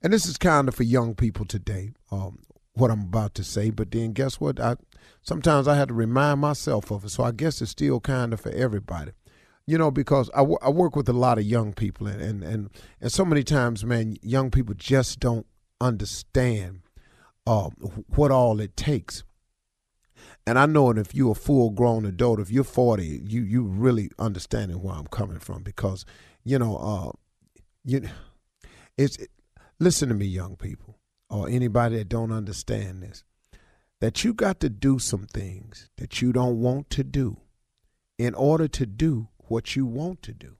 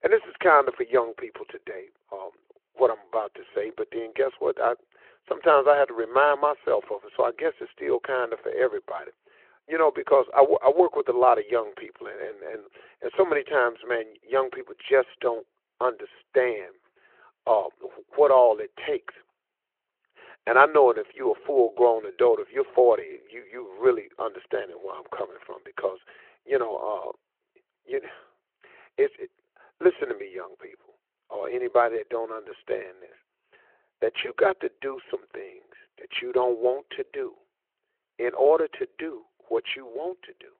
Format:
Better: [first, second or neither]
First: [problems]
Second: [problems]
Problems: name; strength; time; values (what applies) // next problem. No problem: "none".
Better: first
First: none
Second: phone-call audio